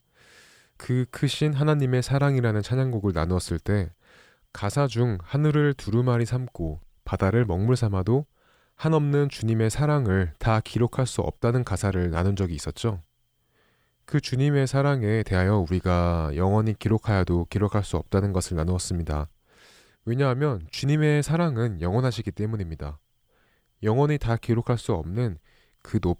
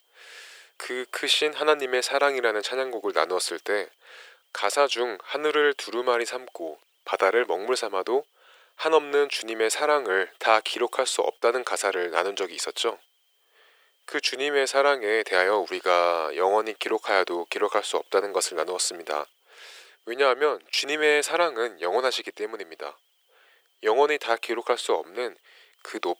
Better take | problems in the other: first | thin; very; fading below 400 Hz

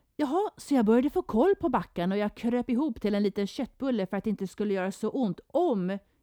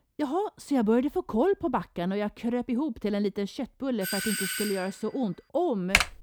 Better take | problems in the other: first | doorbell; loud; at 4 s; peak level with the speech // keyboard typing; very faint; at 6 s; peak 5 dB above the speech

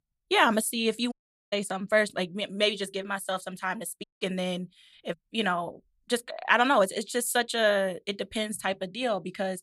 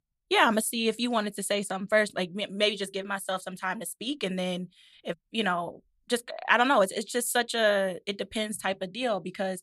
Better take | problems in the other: second | audio cutting out; at 1 s and at 4 s

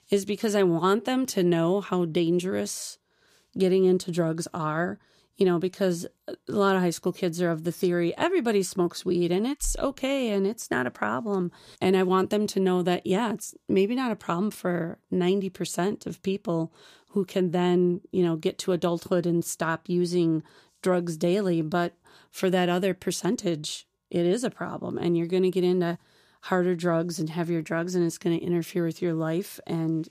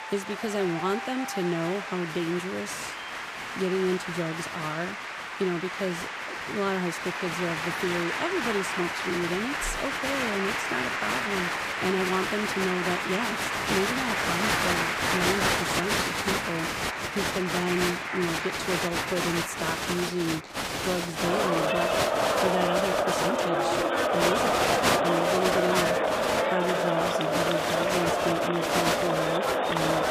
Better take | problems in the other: first | crowd noise; very loud; throughout; 4 dB above the speech

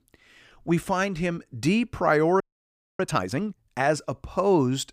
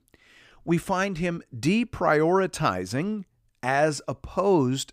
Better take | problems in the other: second | audio freezing; at 2.5 s for 0.5 s

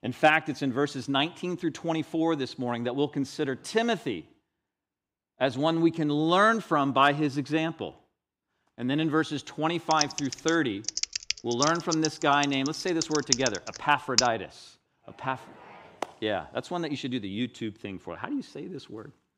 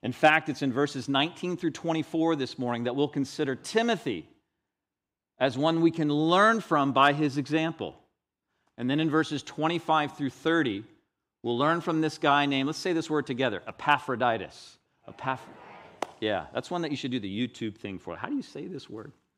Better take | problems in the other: second | keyboard typing; loud; from 10 to 14 s; peak 2 dB above the speech

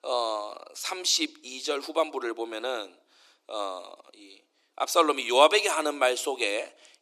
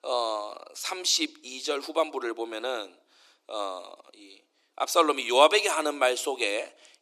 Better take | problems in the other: neither | thin; somewhat; fading below 300 Hz; the same in both

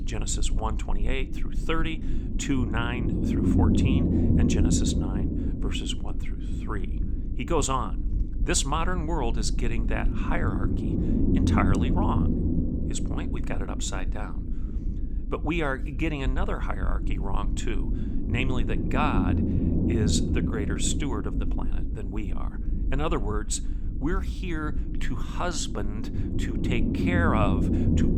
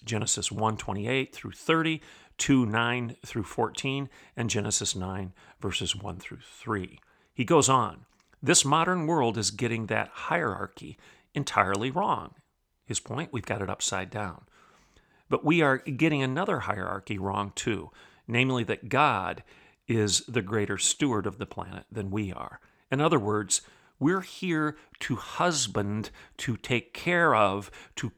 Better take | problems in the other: second | low rumble; loud; throughout; 4 dB below the speech

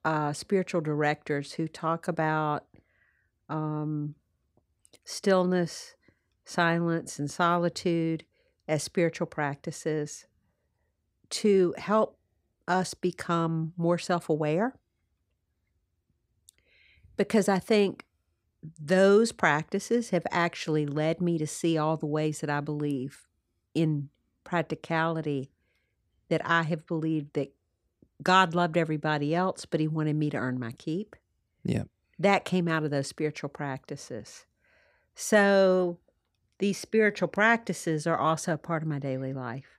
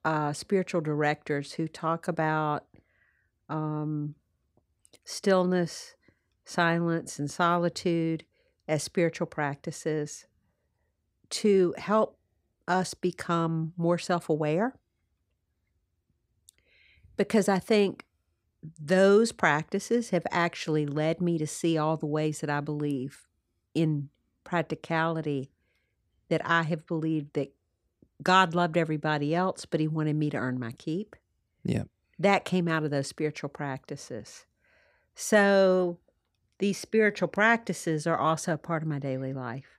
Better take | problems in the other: neither | none

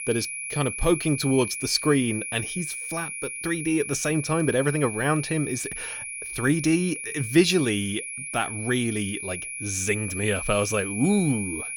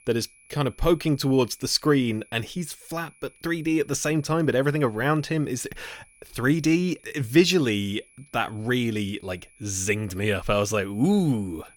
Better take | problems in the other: second | high-pitched whine; loud; throughout; 10.5 kHz, 6 dB below the speech; faint in the second

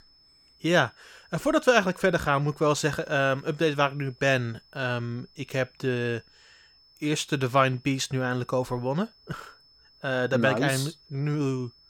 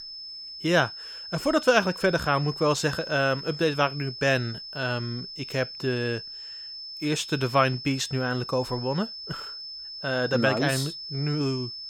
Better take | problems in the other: first | high-pitched whine; loud; throughout; 5.5 kHz, 10 dB below the speech; faint in the first

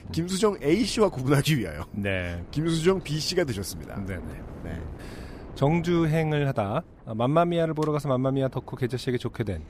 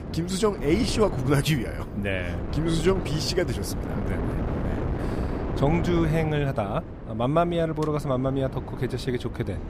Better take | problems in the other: first | wind noise on the microphone; heavy; 9 dB below the speech; occasional gusts in the first

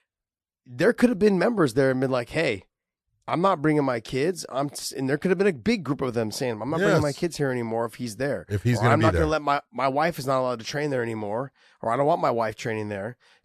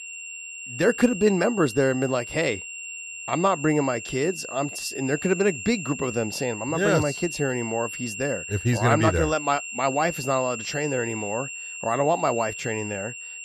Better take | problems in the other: first | high-pitched whine; loud; throughout; 2.5 kHz, 9 dB below the speech

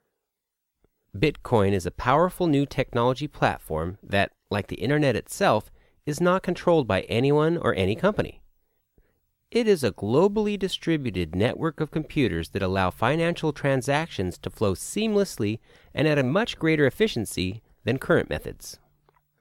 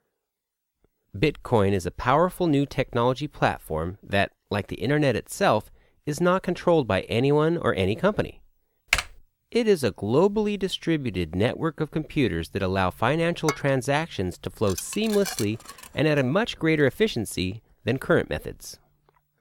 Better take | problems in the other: first | keyboard typing; noticeable; at 9 s; peak level with the speech // clattering dishes; noticeable; from 13 to 16 s; peak 7 dB below the speech

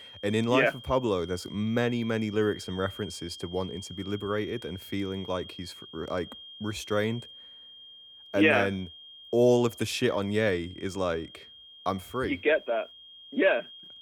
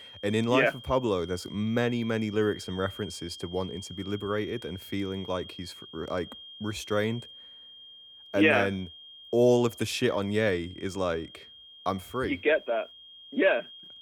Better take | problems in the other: neither | high-pitched whine; noticeable; throughout; 3 kHz, 15 dB below the speech; the same in both

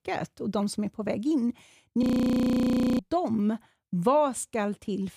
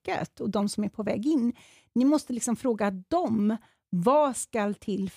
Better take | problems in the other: second | audio freezing; at 2 s for 1 s

